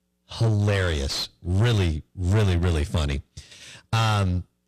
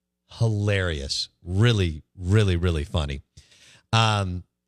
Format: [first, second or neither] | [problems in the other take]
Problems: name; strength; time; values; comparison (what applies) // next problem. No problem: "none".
second | distortion; heavy; 8 dB below the speech